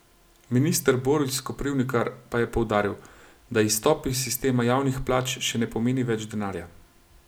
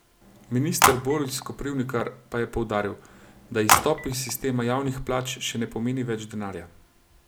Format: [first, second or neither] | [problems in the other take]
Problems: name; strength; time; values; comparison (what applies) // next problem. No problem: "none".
first | background sound (Telephone); as loud as the speech